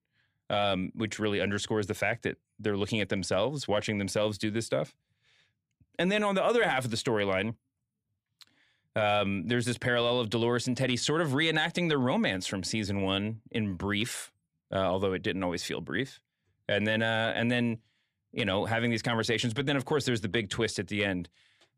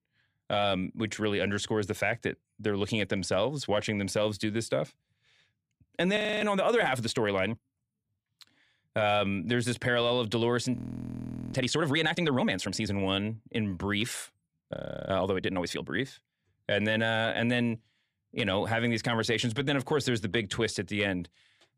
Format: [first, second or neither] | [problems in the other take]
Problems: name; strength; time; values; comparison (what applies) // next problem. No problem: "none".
first | audio freezing; at 6 s, at 11 s for 1 s and at 15 s